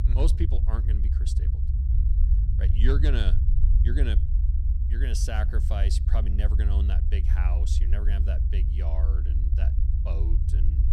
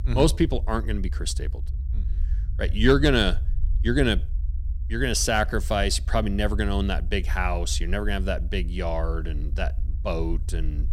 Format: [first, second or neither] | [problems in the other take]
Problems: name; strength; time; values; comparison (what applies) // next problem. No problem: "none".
second | low rumble; loud; throughout; 5 dB below the speech; faint in the second